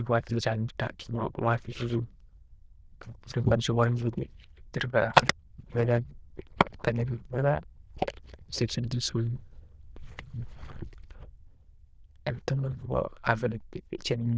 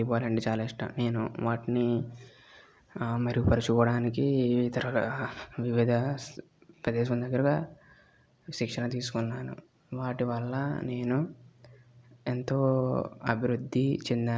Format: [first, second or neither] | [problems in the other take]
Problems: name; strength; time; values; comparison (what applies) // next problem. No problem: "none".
second | noise reduction (neural diffusion model UNIVERSE++)